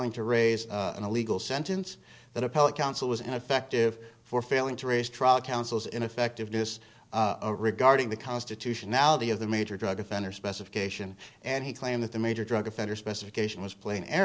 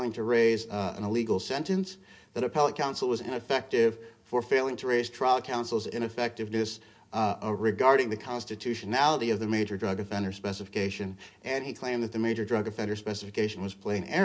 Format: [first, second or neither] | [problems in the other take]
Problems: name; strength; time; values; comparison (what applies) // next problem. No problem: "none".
first | room echo; dies away in 0.3 s